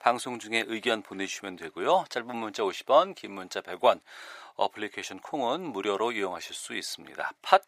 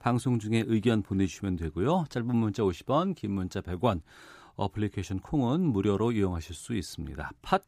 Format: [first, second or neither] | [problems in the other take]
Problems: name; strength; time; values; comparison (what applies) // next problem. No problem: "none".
second | thin; very; fading below 650 Hz